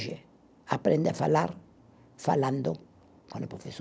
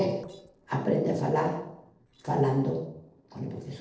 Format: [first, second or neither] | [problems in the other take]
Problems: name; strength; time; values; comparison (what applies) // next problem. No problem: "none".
first | noise reduction (neural separator model SepFormer DNS4)